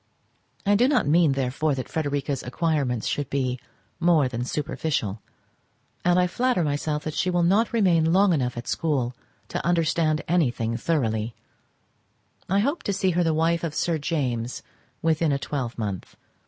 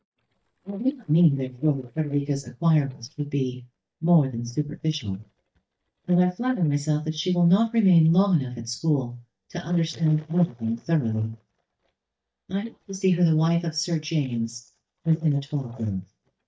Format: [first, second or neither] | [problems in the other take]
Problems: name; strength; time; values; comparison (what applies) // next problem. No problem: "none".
first | noise reduction (neural mask model DeepFilterNet 3)